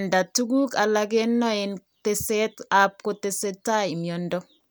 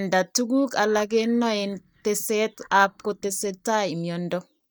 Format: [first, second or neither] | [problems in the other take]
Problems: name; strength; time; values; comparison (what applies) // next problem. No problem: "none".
first | noise reduction (neural mask model DeepFilterNet 3)